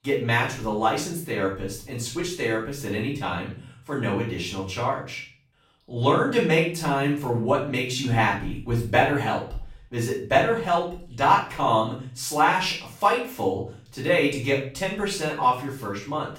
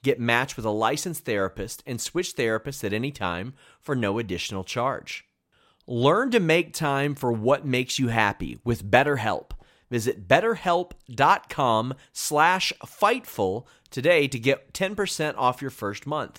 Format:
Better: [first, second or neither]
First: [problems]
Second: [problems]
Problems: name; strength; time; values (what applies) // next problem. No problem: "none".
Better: second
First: off-mic speech; far // room echo; noticeable; dies away in 0.4 s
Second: none